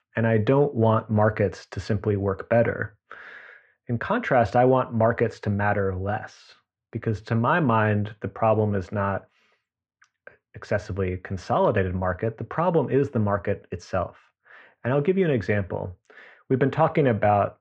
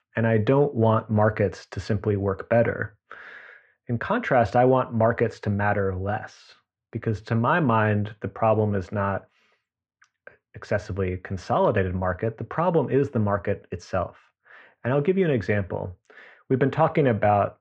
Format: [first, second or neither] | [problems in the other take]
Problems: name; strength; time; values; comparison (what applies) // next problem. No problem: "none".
neither | muffled; very; fading above 2.5 kHz; the same in both